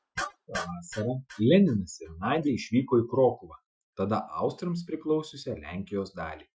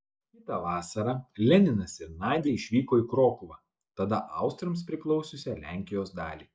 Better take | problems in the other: second | noise reduction (classical method Wiener filter)

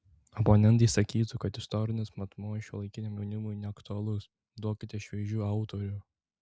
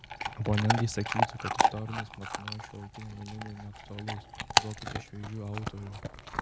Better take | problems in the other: first | background sound (Chewing, mastication / Dog); 2 dB above the speech

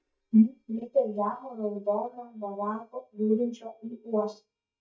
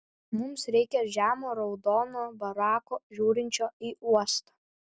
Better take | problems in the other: second | noise reduction (neural mask model DeepFilterNet 3)

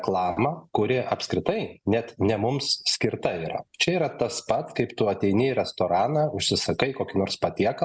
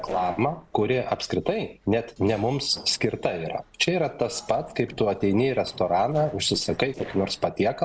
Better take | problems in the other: first | noise reduction (neural separator model SepFormer DNS4)

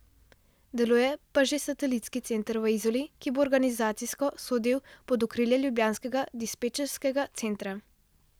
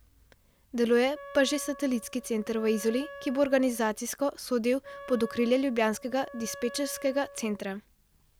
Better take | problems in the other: first | background sound (Wind instrument, woodwind instrument); 17 dB below the speech

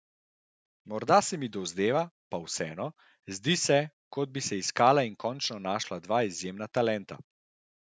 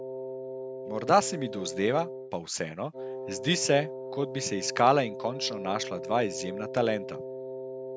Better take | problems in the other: first | background sound (Wind instrument, woodwind instrument); 8 dB below the speech

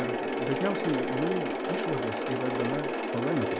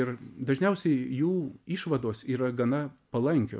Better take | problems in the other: second | background sound (Mechanisms); 3 dB above the speech

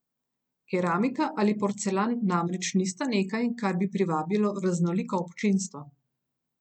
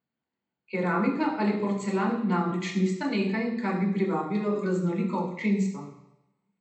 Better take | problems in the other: first | room echo; dies away in 0.8 s

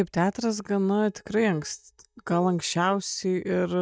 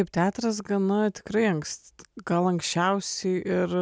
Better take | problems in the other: second | noise reduction (neural mask model DeepFilterNet 3)

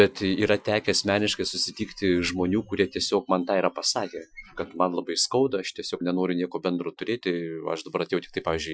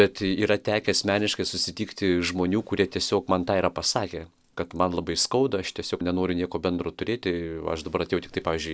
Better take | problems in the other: second | noise reduction (classical method Wiener filter)

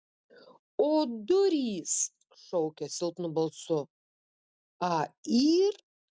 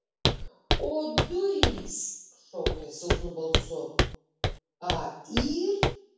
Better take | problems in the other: first | background sound (Walk, footsteps); 3 dB above the speech // room echo; dies away in 0.7 s

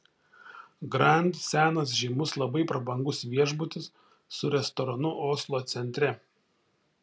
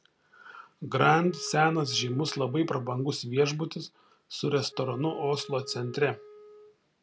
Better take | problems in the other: first | background sound (Wind instrument, woodwind instrument); 19 dB below the speech

